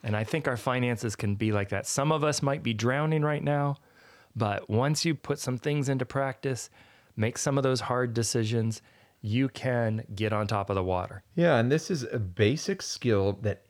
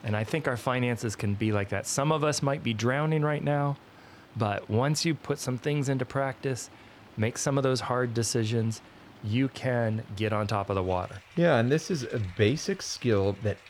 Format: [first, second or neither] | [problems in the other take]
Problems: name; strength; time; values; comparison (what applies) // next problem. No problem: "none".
first | rain or running water; faint; throughout; 25 dB below the speech